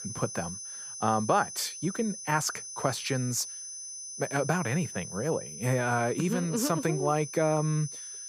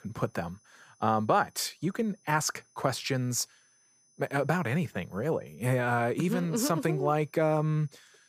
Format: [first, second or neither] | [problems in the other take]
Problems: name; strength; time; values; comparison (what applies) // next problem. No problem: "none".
second | high-pitched whine; loud; throughout; 6 kHz, 9 dB below the speech; faint in the second